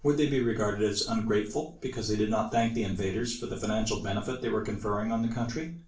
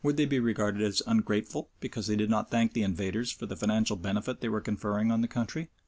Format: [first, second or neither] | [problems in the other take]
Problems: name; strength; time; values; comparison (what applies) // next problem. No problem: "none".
second | room echo; dies away in 0.3 s